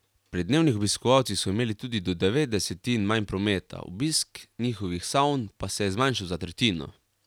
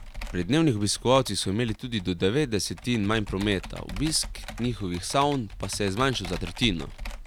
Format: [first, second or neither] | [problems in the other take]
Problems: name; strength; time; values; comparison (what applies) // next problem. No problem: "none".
first | background sound (Computer keyboard); 12 dB below the speech